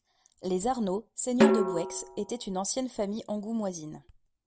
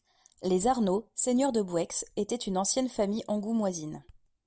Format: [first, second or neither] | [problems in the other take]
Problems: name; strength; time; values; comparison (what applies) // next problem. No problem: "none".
second | background sound (Snare drum); 2 dB above the speech